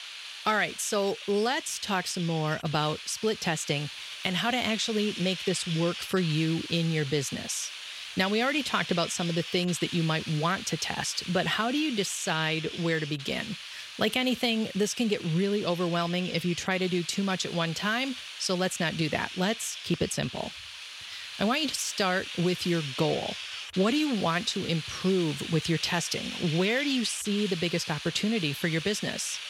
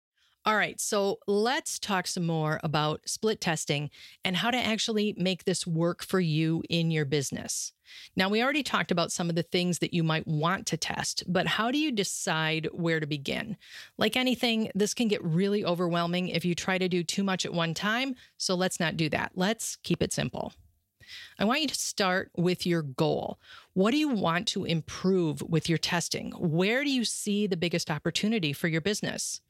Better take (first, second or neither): second